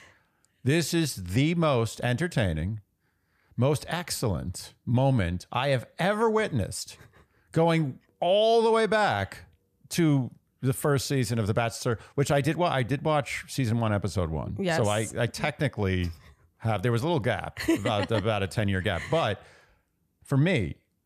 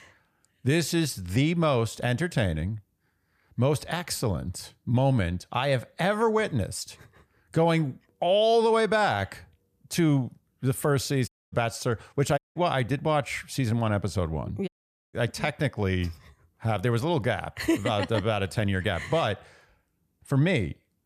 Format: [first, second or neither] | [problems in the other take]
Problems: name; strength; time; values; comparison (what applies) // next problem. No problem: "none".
first | audio cutting out; at 11 s, at 12 s and at 15 s